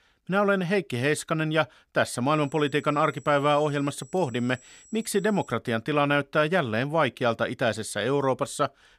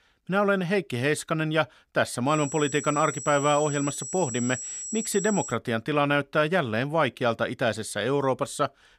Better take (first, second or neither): first